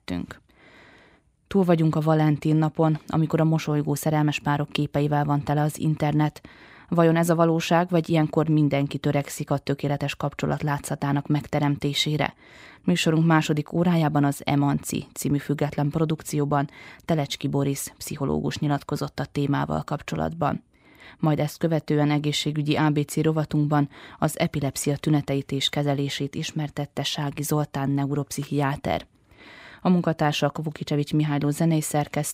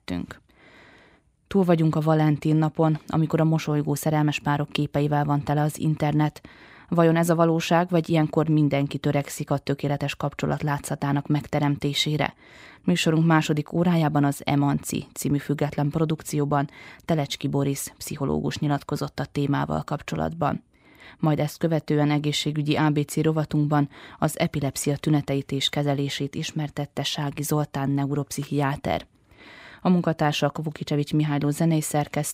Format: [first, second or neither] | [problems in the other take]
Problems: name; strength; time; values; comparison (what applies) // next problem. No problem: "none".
neither | none